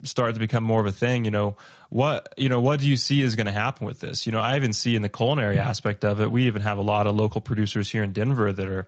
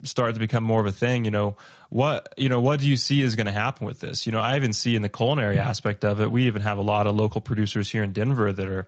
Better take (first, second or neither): neither